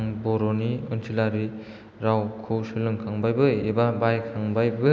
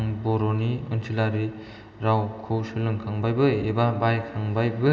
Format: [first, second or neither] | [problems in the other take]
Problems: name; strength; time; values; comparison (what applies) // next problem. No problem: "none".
first | room echo; dies away in 0.7 s